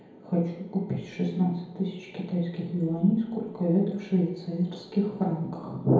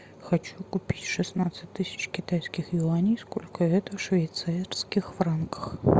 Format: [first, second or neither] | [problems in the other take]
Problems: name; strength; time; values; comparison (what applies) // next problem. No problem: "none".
second | room echo; dies away in 2 s